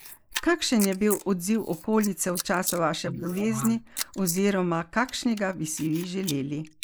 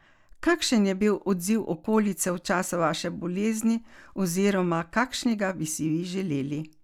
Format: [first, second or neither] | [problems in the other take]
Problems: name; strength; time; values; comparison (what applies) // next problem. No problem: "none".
second | noise reduction (neural mask model Resemble Enhance denoiser)